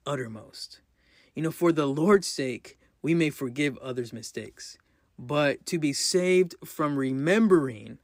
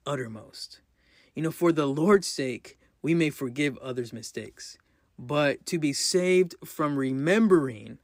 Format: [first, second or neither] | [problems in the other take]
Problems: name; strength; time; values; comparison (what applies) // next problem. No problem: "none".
neither | none